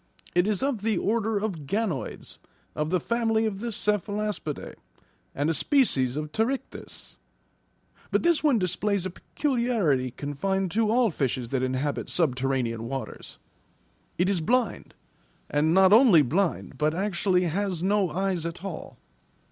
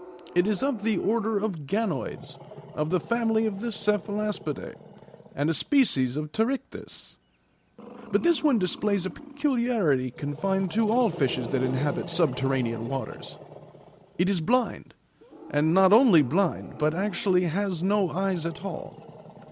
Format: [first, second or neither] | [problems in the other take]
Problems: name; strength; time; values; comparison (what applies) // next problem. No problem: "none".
first | background sound (Growling); 16 dB below the speech